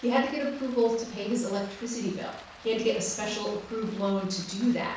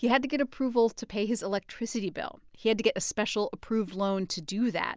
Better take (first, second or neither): second